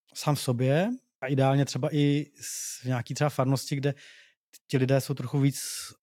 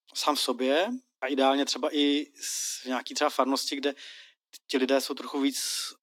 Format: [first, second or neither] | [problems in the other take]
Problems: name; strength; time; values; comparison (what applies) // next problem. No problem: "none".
first | thin; very slightly; fading below 250 Hz